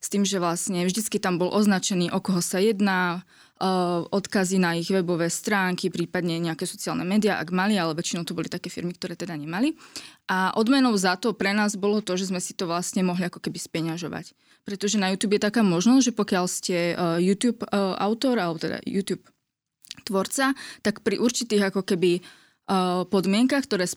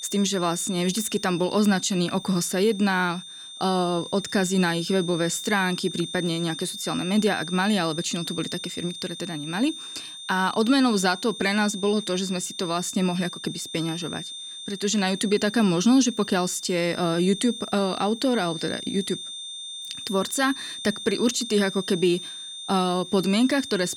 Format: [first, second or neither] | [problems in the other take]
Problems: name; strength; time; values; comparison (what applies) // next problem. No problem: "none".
first | high-pitched whine; noticeable; throughout; 3.5 kHz, 10 dB below the speech